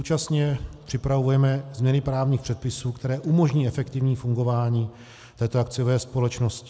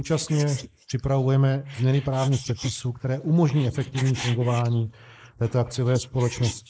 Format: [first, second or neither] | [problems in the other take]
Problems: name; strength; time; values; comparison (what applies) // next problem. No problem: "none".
first | noise reduction (neural mask model Resemble Enhance denoiser)